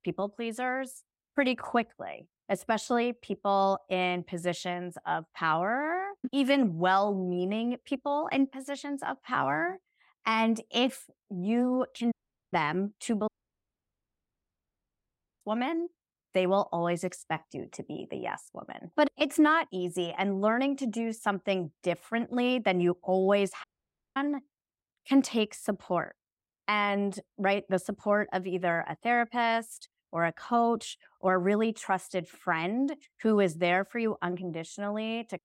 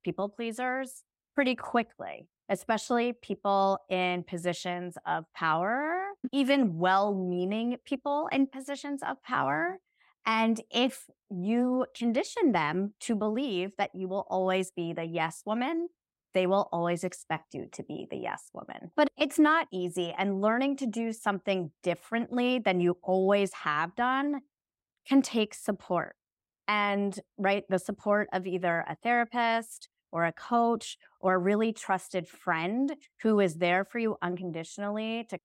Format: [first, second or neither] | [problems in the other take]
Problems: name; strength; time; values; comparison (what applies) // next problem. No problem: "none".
second | audio cutting out; at 12 s, at 13 s for 2 s and at 24 s for 0.5 s